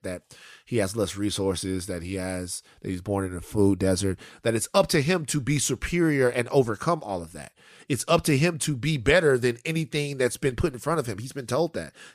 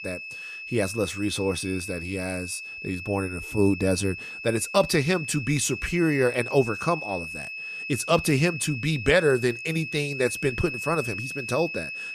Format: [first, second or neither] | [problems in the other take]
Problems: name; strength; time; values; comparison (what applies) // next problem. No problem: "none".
first | high-pitched whine; loud; throughout; 2.5 kHz, 8 dB below the speech